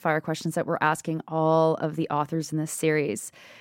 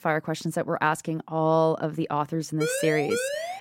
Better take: first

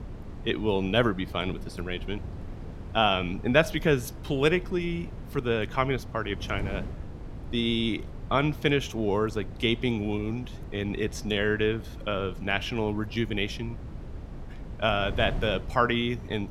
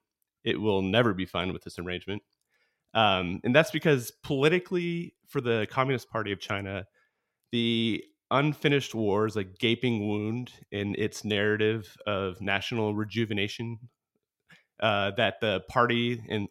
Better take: second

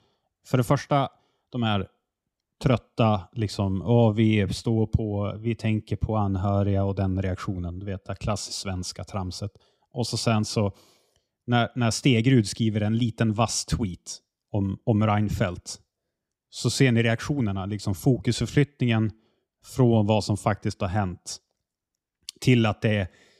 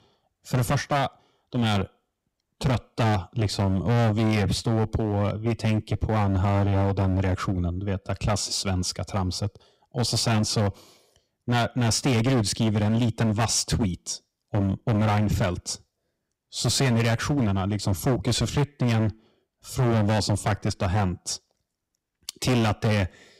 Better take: first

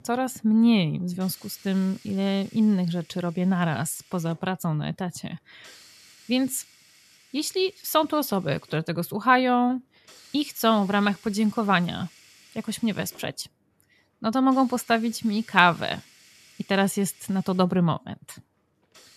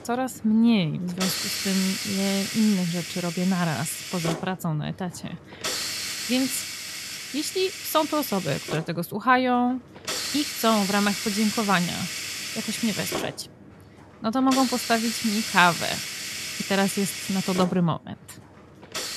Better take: first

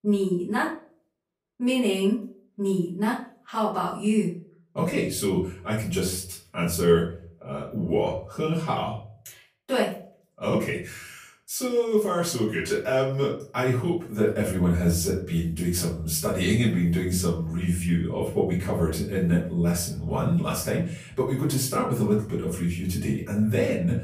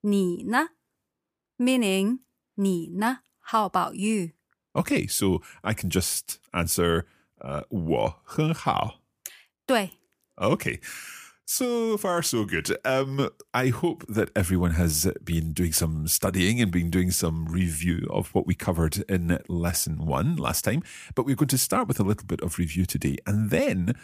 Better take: second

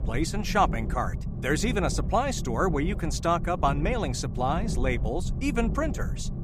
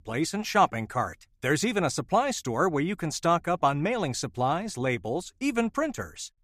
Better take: second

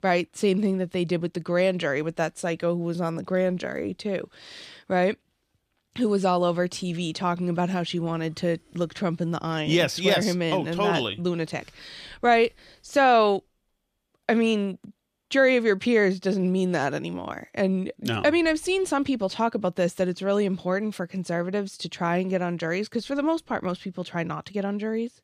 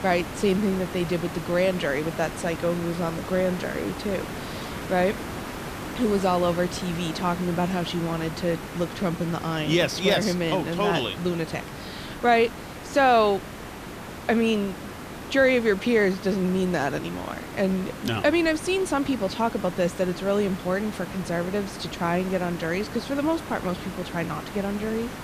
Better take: first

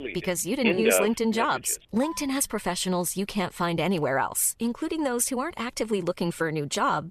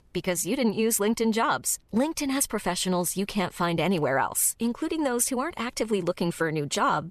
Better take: second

